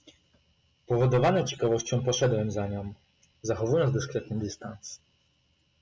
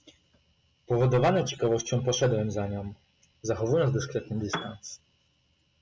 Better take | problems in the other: first | background sound (Piano); 6 dB below the speech

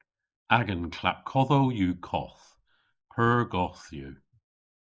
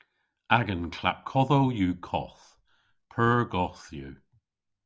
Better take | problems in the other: second | noise reduction (neural mask model Resemble Enhance denoiser)

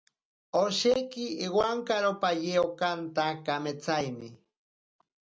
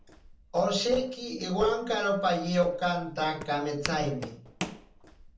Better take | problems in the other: first | background sound (Walk, footsteps); 15 dB below the speech // room echo; dies away in 0.4 s

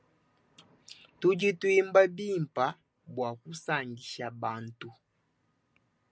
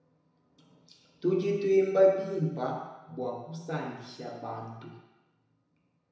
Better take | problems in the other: first | room echo; dies away in 1 s

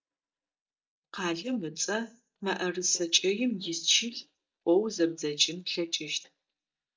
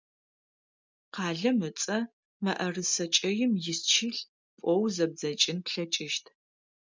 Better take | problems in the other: second | noise reduction (neural mask model DeepFilterNet 3)

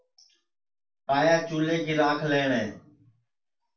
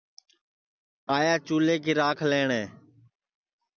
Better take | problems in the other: second | room echo; dies away in 0.3 s

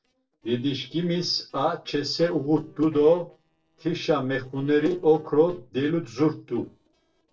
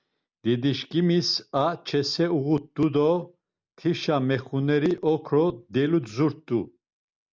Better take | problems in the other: second | noise reduction (neural separator model SepFormer DNS4)

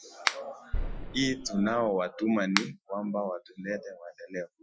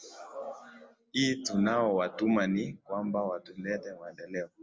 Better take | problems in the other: second | noise reduction (classical method Wiener filter)

